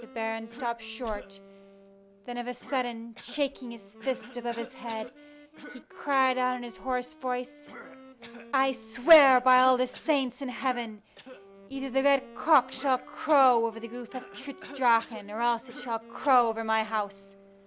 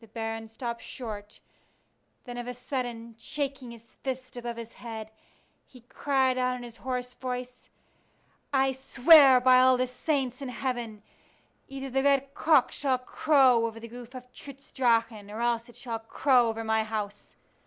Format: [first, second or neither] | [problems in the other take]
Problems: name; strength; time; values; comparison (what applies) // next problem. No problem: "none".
second | background sound (Cough + Wind instrument, woodwind instrument); 19 dB below the speech